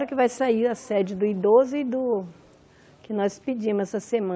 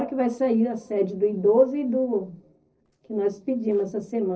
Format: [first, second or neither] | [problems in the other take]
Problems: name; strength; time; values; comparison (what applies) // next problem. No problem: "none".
first | noise reduction (neural separator model SepFormer DNS4)